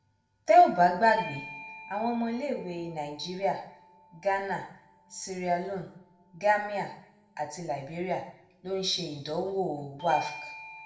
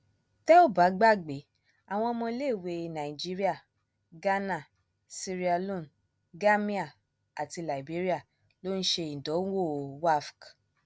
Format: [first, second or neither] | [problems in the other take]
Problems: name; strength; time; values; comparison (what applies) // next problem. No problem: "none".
second | background sound (Bell / Doorbell); 20 dB below the speech // room echo; dies away in 0.7 s